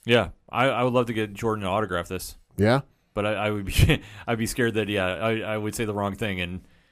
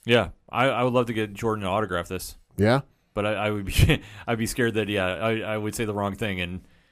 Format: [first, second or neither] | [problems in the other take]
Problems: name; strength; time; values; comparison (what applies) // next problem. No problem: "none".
neither | none